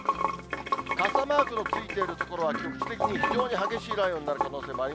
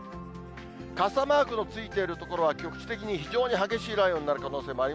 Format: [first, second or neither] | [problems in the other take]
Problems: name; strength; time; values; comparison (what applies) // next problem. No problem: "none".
second | background sound (Glass + Sink (filling or washing) / Water); as loud as the speech